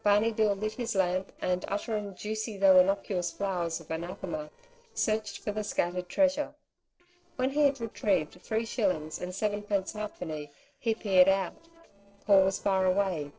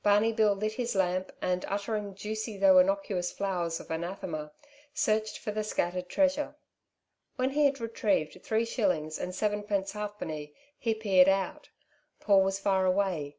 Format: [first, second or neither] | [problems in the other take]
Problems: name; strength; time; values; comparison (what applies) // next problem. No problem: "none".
second | noise reduction (neural separator model SepFormer DNS4)